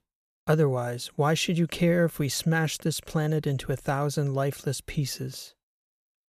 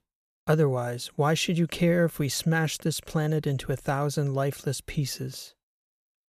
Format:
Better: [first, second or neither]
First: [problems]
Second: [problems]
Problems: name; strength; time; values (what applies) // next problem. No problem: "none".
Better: neither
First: none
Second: none